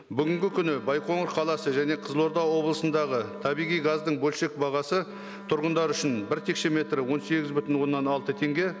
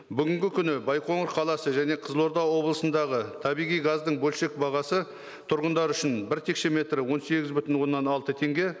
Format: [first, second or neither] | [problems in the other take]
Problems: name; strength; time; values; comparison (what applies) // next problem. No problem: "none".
second | background sound (Wind instrument, woodwind instrument); 17 dB below the speech